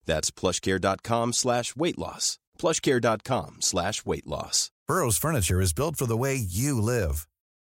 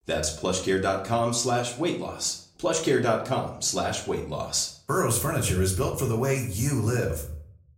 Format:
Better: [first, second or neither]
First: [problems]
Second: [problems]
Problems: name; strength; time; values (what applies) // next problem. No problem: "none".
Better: first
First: none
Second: room echo; slight; dies away in 0.5 s // off-mic speech; somewhat distant